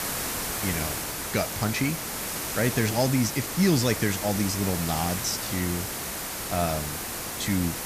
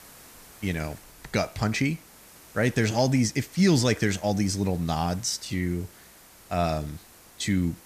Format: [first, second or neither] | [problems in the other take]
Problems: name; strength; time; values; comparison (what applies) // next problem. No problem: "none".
second | hiss; loud; throughout; 3 dB below the speech; faint in the second